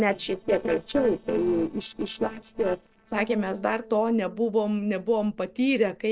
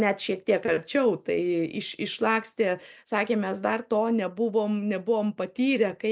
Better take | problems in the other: second | noise reduction (neural separator model SepFormer DNS4)

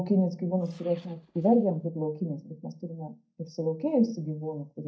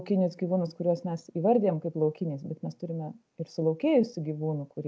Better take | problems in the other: second | noise reduction (neural mask model DeepFilterNet 3)

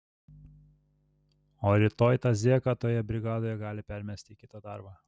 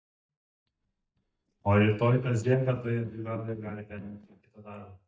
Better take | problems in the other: first | noise reduction (neural mask model DeepFilterNet 3)

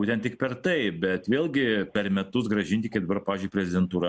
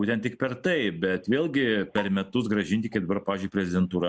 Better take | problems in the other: first | noise reduction (neural mask model DeepFilterNet 3)

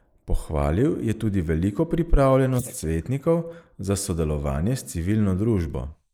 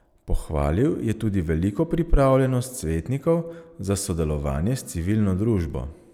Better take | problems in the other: second | noise reduction (neural mask model Resemble Enhance denoiser)

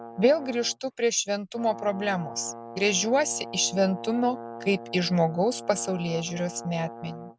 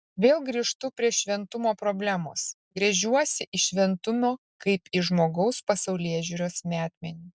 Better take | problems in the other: second | background sound (Brass instrument); 14 dB below the speech

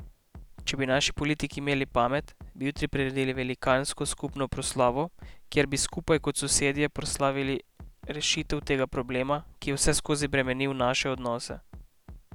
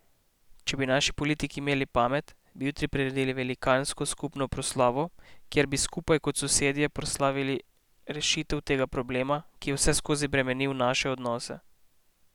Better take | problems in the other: second | background sound (Bass drum); 19 dB below the speech

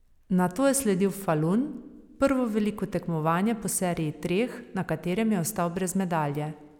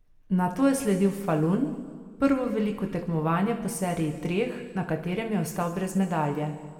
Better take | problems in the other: first | room echo; dies away in 1.6 s

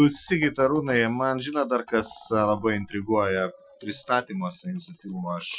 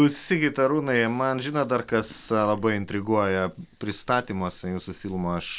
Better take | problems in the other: second | noise reduction (classical method Wiener filter)

